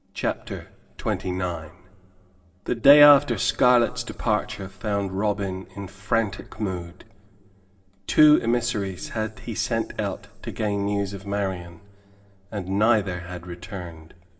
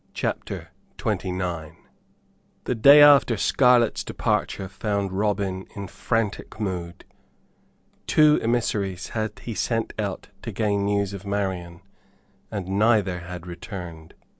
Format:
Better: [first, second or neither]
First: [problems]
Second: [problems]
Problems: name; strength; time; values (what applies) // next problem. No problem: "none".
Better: second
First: room echo; dies away in 1.5 s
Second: none